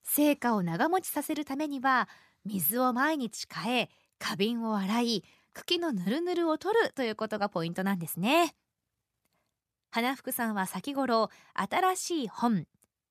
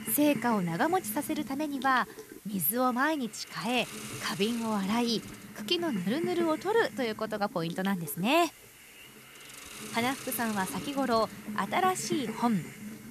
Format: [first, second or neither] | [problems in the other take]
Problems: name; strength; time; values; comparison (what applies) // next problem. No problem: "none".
first | hiss; noticeable; throughout; 10 dB below the speech